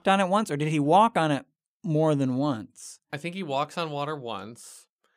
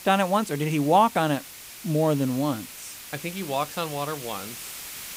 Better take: first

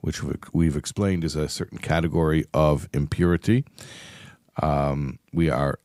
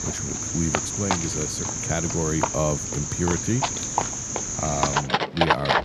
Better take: first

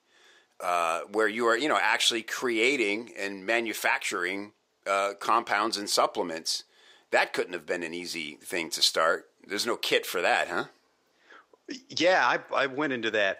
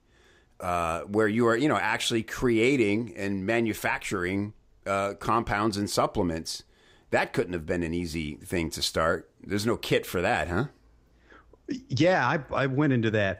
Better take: second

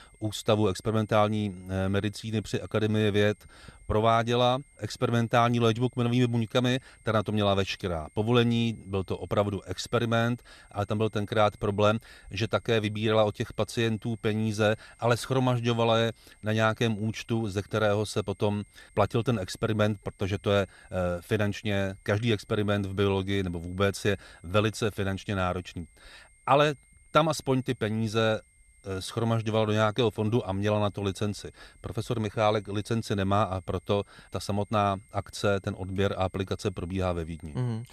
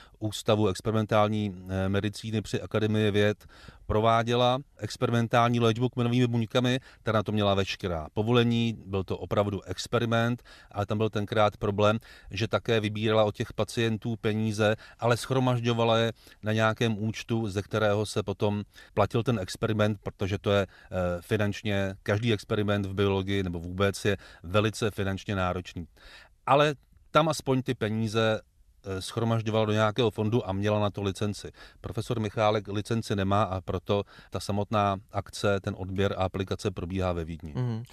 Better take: second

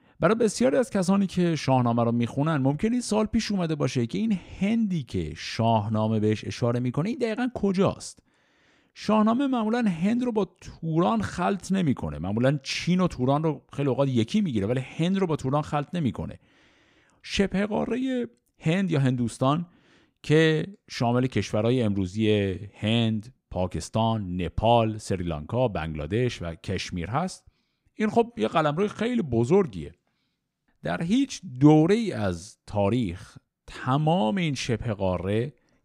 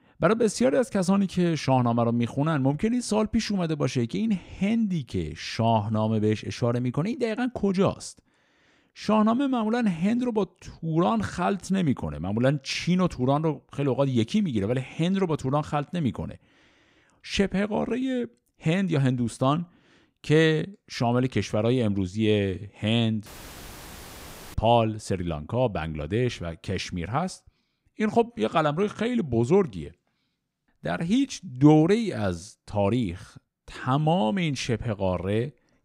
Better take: first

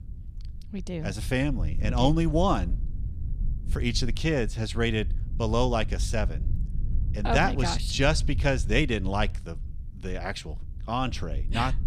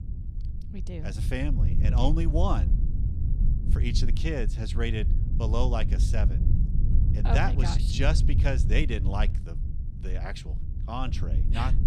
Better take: first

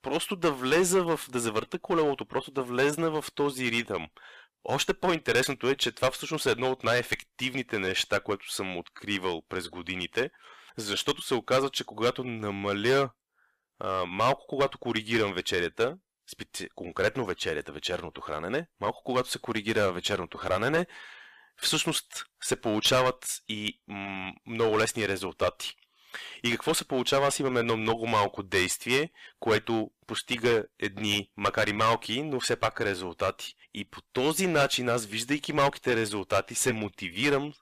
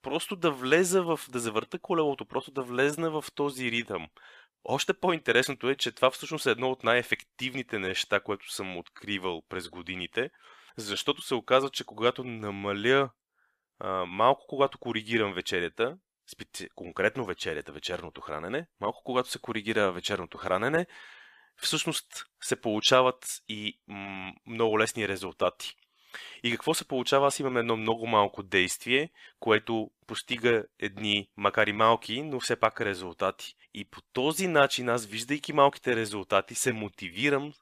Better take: second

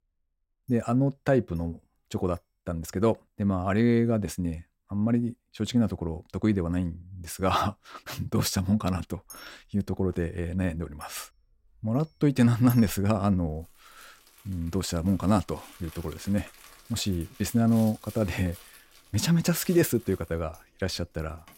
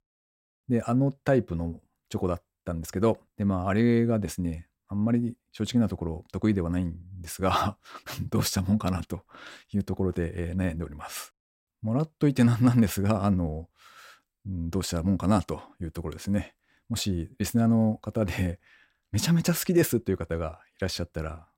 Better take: second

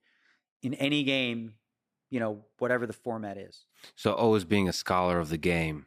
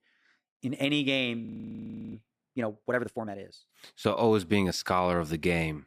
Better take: first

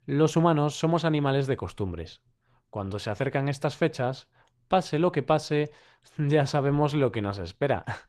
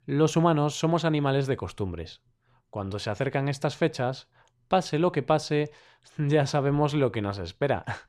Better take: second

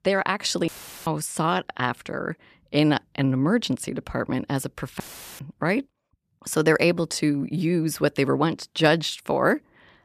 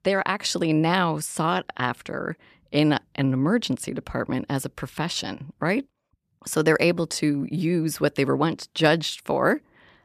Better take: second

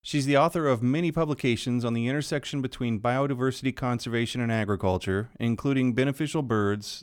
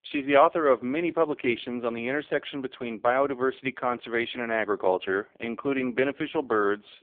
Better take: first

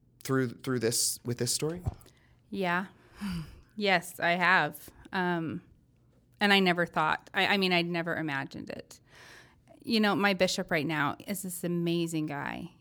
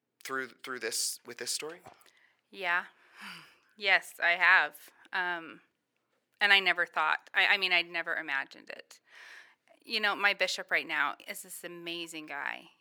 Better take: first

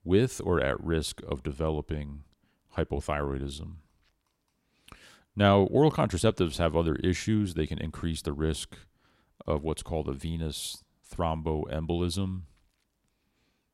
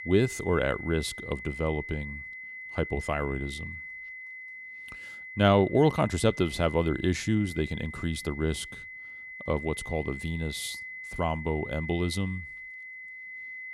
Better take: first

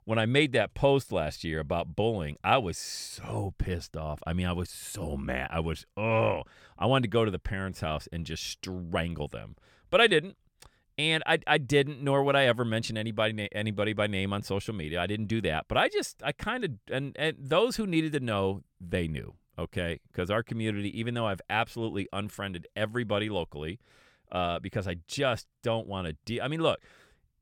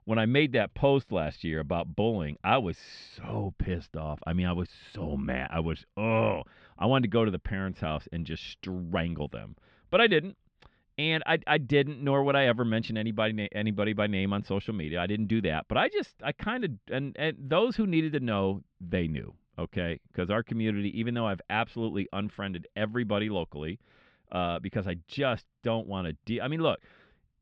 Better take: first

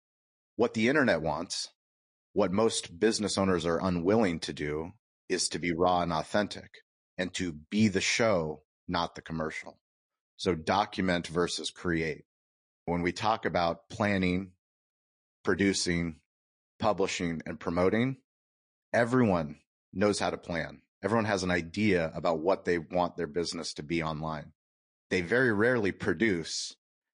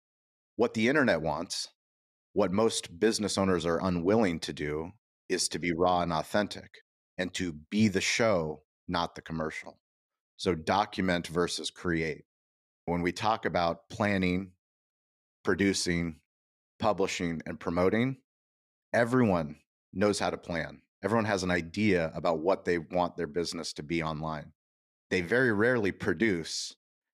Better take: second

